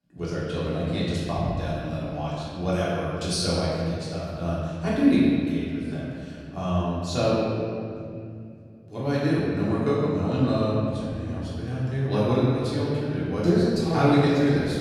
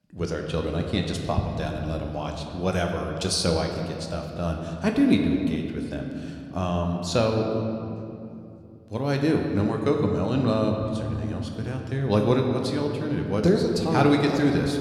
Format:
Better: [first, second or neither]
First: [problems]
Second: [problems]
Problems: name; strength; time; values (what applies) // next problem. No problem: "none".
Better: second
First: room echo; strong; dies away in 2.3 s // off-mic speech; far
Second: room echo; slight; dies away in 2.2 s